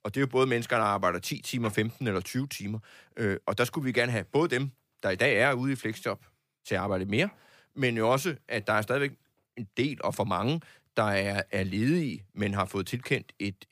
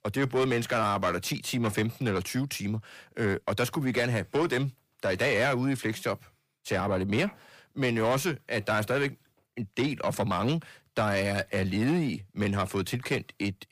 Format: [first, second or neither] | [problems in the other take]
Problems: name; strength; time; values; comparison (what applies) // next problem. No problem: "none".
first | distortion; slight; 10 dB below the speech